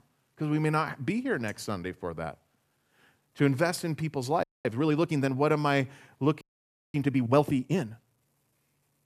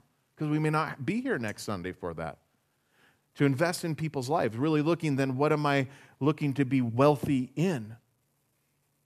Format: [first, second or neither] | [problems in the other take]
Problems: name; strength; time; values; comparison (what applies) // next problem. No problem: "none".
second | audio freezing; at 4.5 s and at 6.5 s for 0.5 s